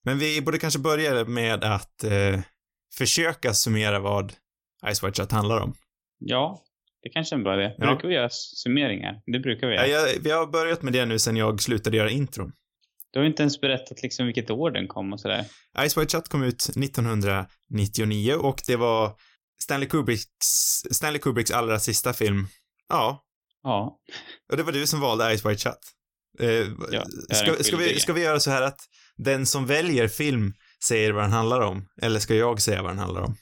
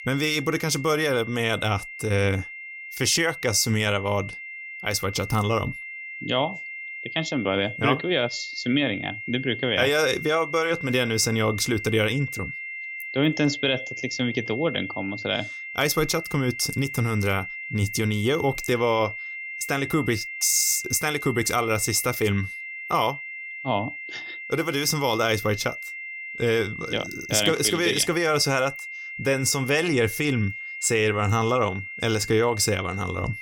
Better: first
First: none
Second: high-pitched whine; loud; throughout; 2 kHz, 9 dB below the speech

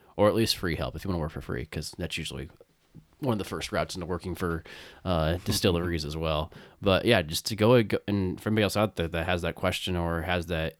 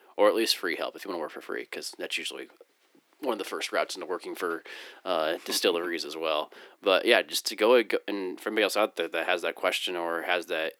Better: first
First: none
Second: thin; very; fading below 300 Hz

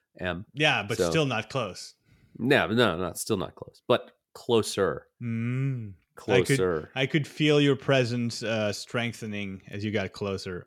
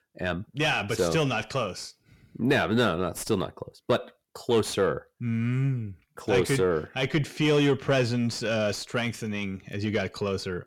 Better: first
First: none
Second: distortion; slight; 10 dB below the speech

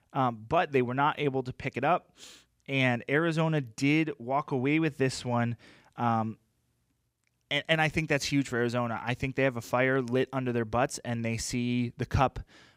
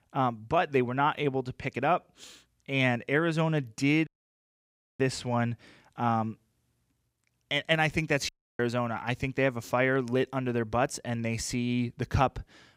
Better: first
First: none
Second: audio cutting out; at 4 s for 1 s and at 8.5 s

